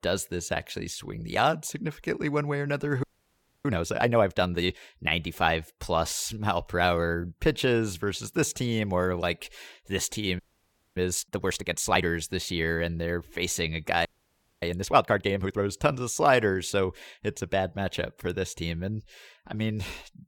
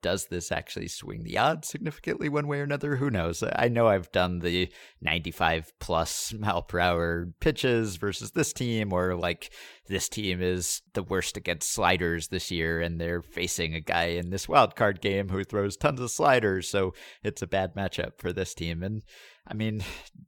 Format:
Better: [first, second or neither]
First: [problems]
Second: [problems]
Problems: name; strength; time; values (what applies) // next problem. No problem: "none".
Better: second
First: audio freezing; at 3 s for 0.5 s, at 10 s for 0.5 s and at 14 s for 0.5 s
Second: none